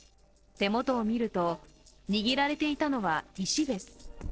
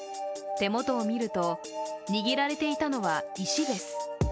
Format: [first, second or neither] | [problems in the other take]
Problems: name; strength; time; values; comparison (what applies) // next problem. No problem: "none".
second | noise reduction (neural separator model SepFormer DNS4)